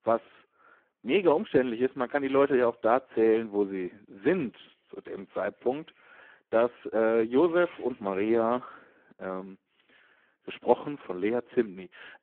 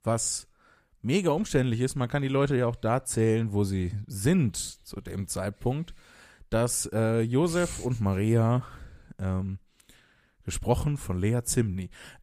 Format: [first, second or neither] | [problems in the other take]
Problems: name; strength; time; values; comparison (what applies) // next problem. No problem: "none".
second | phone-call audio; poor line